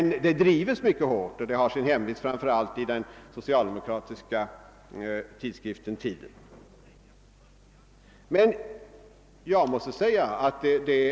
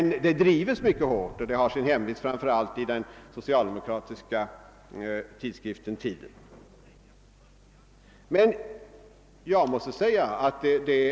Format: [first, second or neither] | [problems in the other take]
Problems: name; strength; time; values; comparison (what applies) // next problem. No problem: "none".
first | background sound (Boom); 19 dB below the speech